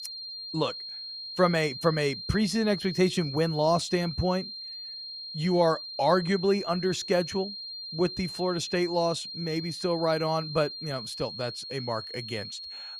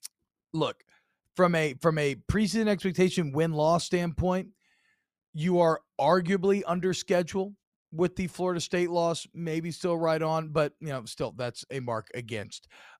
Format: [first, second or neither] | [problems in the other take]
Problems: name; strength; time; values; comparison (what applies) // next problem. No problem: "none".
second | high-pitched whine; loud; throughout; 4 kHz, 8 dB below the speech